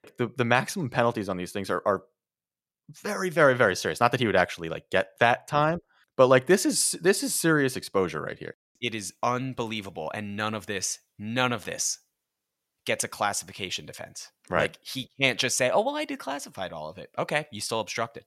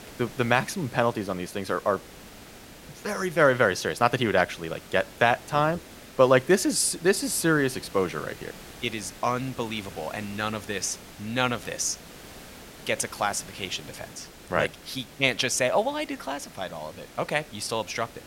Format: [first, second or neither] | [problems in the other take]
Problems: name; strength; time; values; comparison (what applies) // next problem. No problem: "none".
first | hiss; noticeable; throughout; 20 dB below the speech